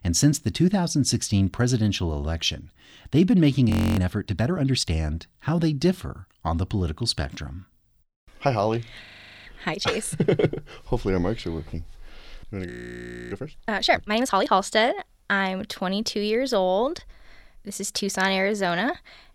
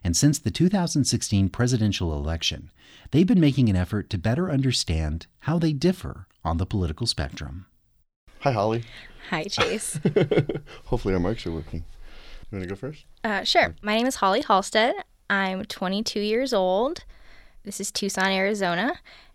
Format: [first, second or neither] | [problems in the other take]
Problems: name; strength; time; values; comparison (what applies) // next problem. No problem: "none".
second | audio freezing; at 3.5 s, at 9 s and at 13 s for 0.5 s